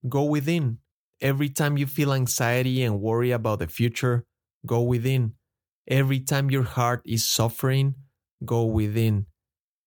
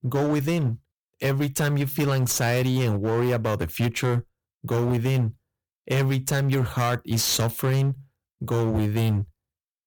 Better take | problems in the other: first | distortion; slight; 21% of the sound clipped

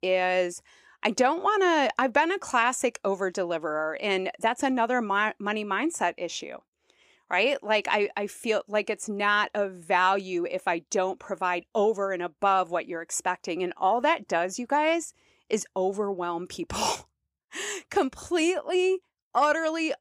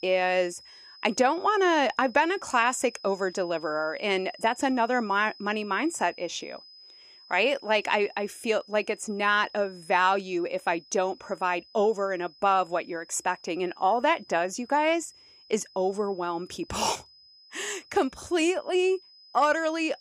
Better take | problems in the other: first | high-pitched whine; faint; throughout; 5 kHz, 25 dB below the speech

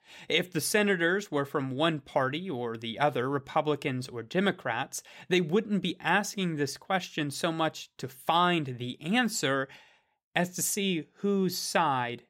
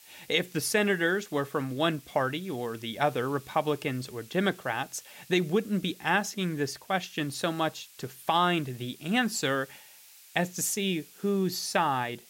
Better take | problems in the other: first | hiss; faint; throughout; 20 dB below the speech

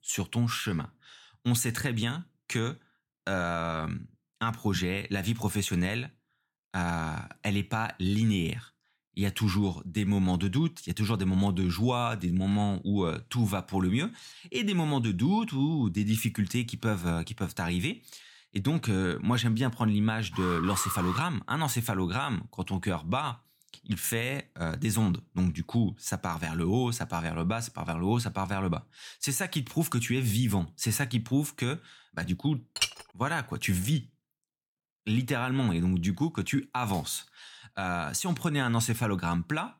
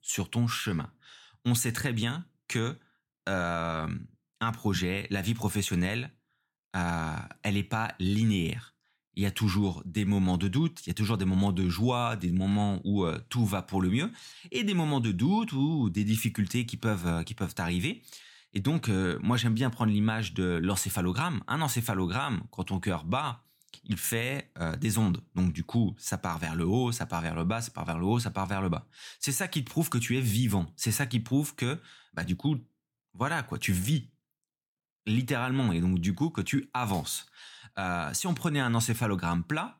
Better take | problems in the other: second | alarm; noticeable; at 20 s; peak 5 dB below the speech // clattering dishes; loud; at 33 s; peak level with the speech

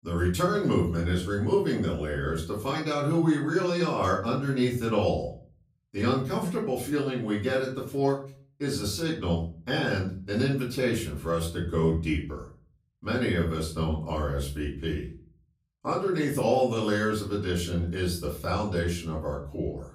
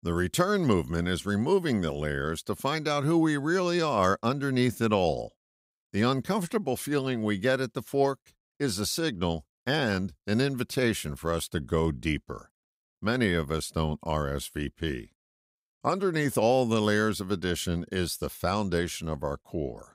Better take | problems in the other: second | room echo; slight; dies away in 0.4 s // off-mic speech; far

